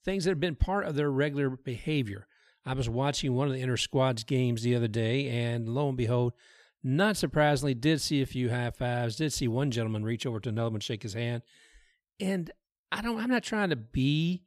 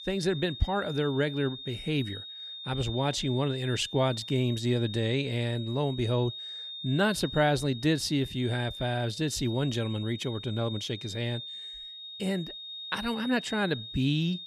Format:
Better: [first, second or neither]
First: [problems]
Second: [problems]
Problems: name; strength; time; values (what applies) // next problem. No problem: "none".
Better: first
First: none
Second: high-pitched whine; loud; throughout; 3.5 kHz, 10 dB below the speech